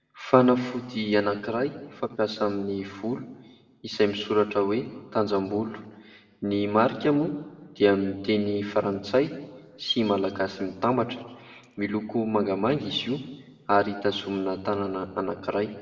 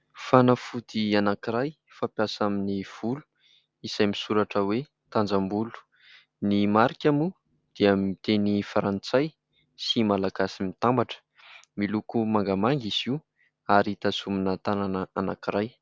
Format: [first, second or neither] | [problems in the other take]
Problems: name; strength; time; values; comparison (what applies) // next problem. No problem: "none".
second | room echo; dies away in 1.2 s